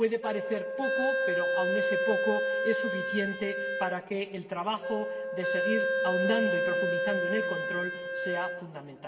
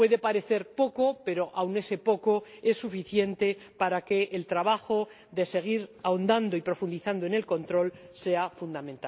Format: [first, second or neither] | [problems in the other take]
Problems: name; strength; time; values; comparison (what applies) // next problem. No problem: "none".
second | background sound (Wind instrument, woodwind instrument); 3 dB above the speech // room echo; dies away in 1.8 s